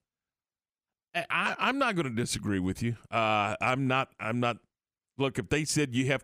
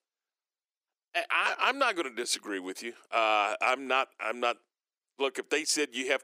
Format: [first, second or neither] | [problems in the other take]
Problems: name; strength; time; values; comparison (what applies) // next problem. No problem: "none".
first | thin; somewhat; fading below 350 Hz